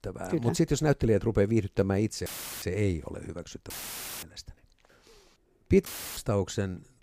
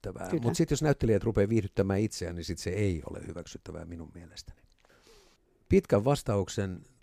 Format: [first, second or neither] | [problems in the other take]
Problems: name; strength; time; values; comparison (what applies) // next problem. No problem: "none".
second | audio cutting out; filled with static; at 2.5 s, at 3.5 s for 0.5 s and at 6 s